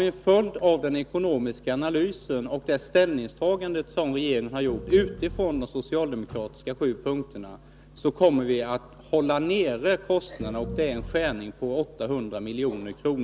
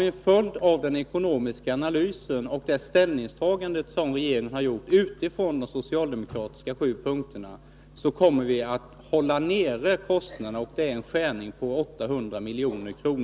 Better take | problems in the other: second | background sound (Piano); 10 dB below the speech

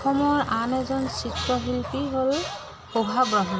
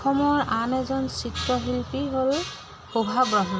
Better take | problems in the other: second | background sound (Dog); 15 dB below the speech

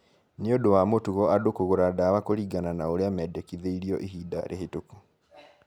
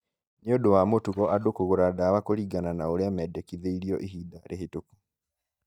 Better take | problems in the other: first | noise reduction (neural mask model DeepFilterNet 3)

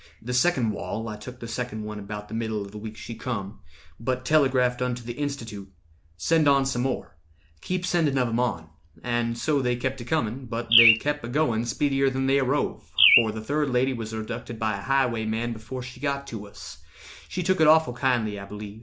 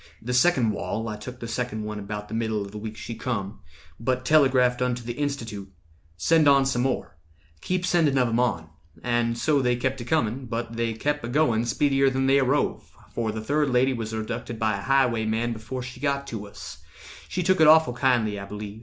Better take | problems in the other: second | background sound (Bird); 1 dB above the speech

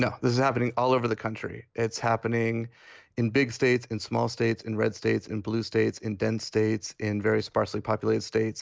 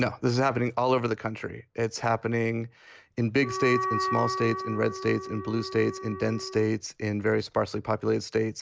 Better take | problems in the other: first | background sound (Wind instrument, woodwind instrument); 6 dB below the speech

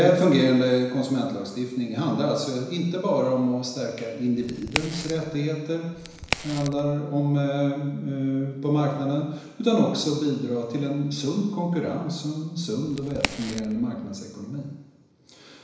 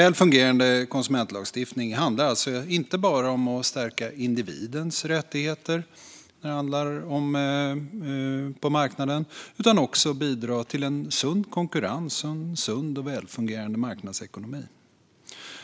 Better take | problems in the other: second | background sound (Crack); 8 dB below the speech // room echo; dies away in 1 s

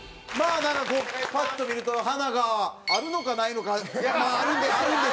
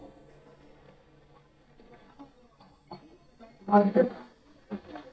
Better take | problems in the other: first | noise reduction (neural mask model DeepFilterNet 3)

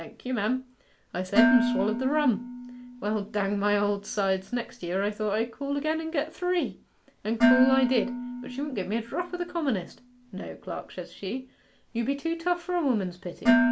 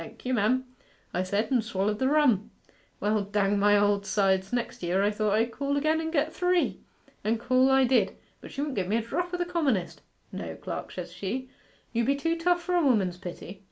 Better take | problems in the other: second | background sound (Dishes, pots, and pans); 2 dB below the speech

